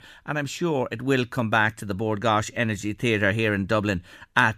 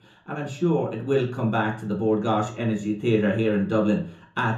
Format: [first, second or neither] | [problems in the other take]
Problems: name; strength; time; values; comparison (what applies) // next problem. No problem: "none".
first | room echo; slight; dies away in 0.6 s // off-mic speech; far